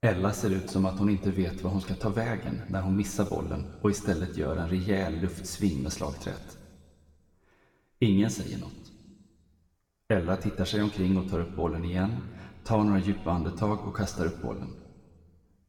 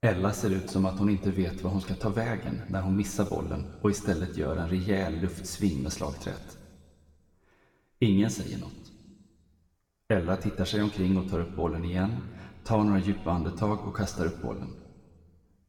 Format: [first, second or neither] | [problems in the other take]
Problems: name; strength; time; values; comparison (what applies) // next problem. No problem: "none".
neither | room echo; slight; dies away in 1.3 s; the same in both